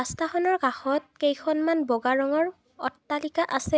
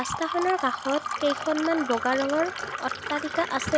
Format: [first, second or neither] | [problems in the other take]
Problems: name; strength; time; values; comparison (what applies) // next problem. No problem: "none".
first | background sound (Fill (with liquid)); 6 dB below the speech